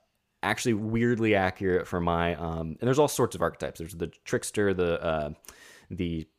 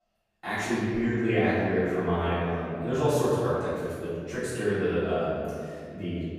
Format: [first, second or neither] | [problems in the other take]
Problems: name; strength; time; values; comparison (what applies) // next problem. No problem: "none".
first | off-mic speech; far // room echo; strong; dies away in 2.2 s